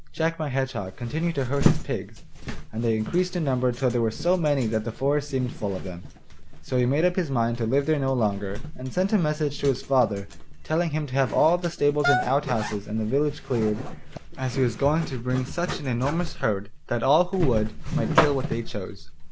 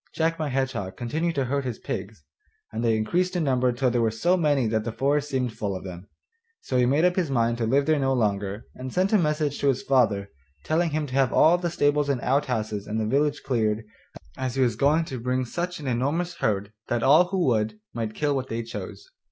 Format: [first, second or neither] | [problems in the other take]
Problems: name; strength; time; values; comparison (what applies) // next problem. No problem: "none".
second | background sound (Wind instrument, woodwind instrument + Zipper (clothing)); 6 dB below the speech